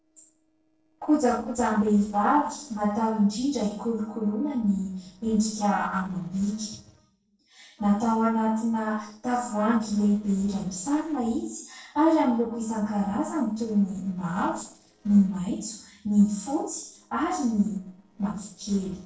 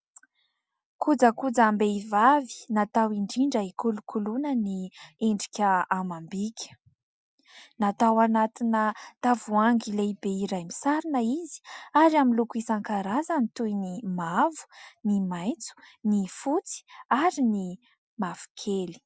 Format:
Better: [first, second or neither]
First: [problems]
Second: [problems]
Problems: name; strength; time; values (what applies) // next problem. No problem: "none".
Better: second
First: noise reduction (neural separator model SepFormer DNS4)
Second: none